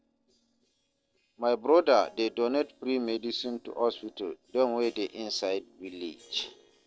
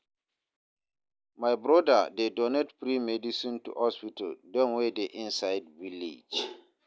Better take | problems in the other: second | noise reduction (neural separator model SepFormer DNS4)

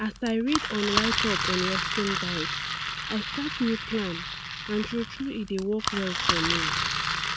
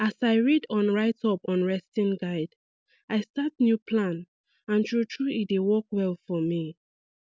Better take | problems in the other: second | background sound (Engine); 1 dB above the speech

